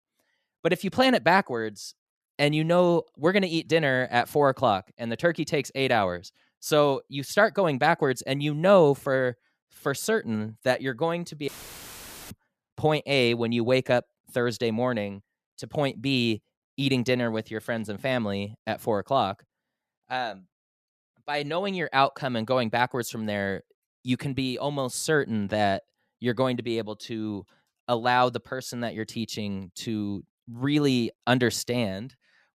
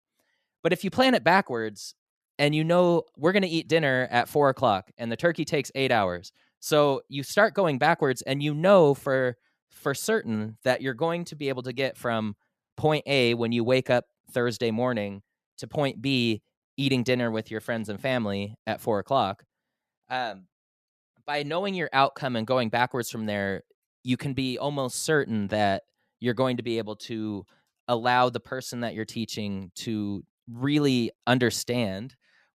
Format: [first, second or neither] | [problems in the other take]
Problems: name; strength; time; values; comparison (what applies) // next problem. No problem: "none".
second | audio cutting out; filled with static; at 11 s for 1 s